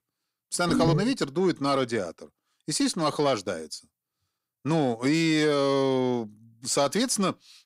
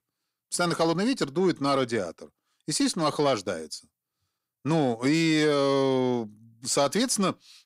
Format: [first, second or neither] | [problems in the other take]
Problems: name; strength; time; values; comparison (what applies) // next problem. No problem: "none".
second | phone ringing; noticeable; at 0.5 s; peak level with the speech